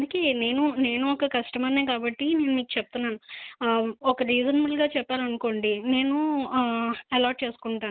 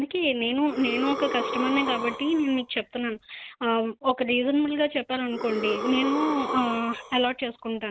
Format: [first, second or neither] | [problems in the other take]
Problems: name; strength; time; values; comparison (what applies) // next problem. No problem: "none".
first | background sound (Breathing); 7 dB below the speech